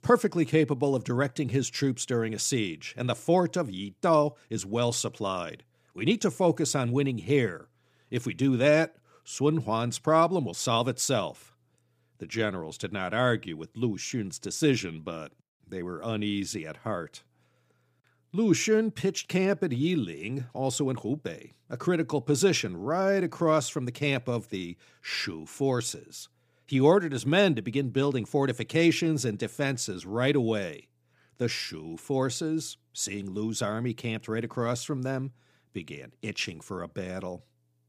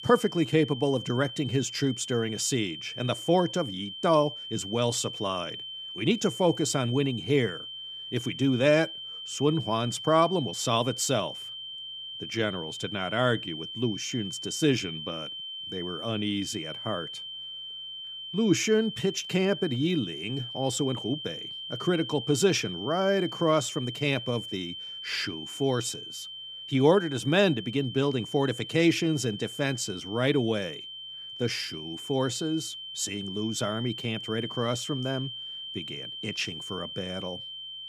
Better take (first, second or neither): first